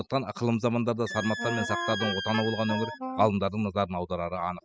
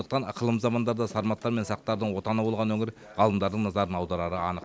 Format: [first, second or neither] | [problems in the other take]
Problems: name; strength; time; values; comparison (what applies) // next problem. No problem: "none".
second | noise reduction (classical method spectral subtraction)